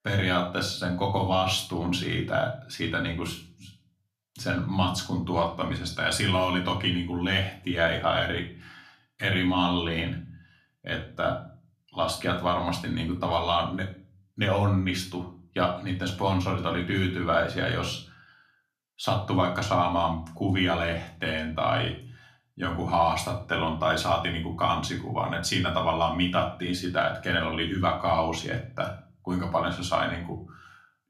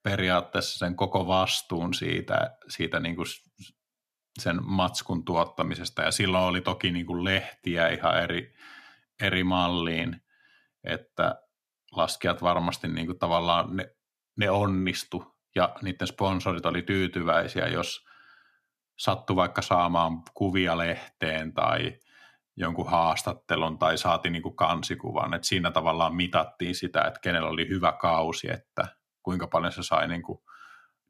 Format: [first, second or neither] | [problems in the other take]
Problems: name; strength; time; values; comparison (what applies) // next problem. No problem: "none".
second | room echo; slight; dies away in 0.3 s // off-mic speech; somewhat distant